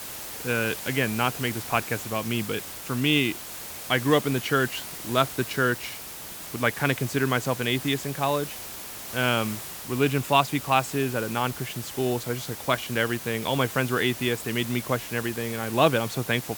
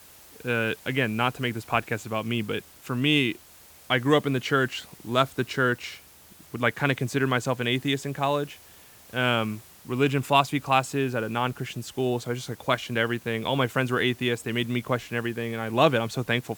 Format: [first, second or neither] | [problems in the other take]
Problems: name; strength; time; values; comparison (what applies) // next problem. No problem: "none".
second | hiss; loud; throughout; 9 dB below the speech; faint in the second